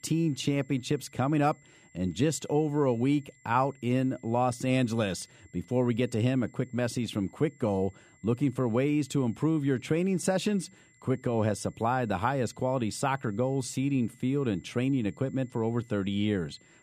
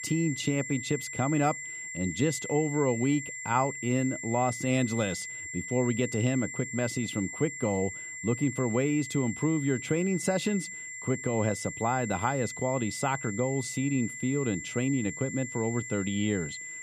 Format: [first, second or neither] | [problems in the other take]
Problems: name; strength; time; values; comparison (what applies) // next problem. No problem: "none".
first | high-pitched whine; loud; throughout; 2 kHz, 7 dB below the speech; faint in the first